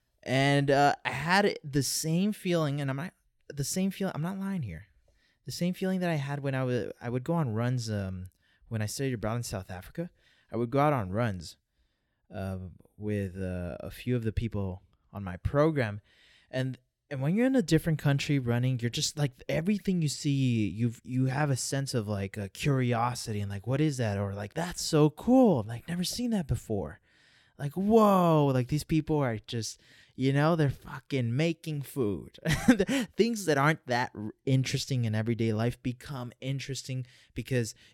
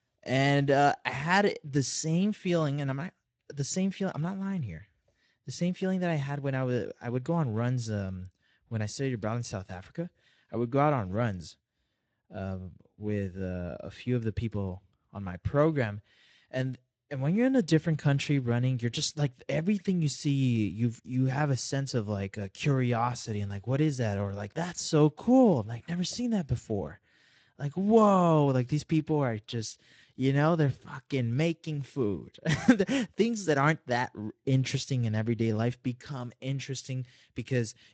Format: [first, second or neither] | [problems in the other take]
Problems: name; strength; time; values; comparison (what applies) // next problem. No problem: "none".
first | garbled, watery; slightly; nothing above 7.5 kHz